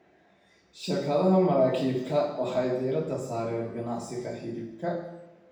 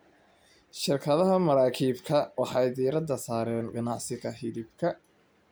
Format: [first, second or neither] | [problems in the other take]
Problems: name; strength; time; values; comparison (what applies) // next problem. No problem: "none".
second | room echo; dies away in 0.9 s